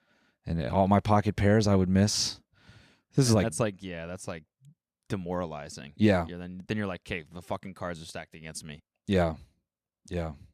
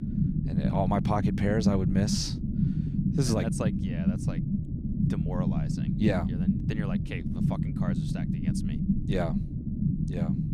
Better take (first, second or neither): first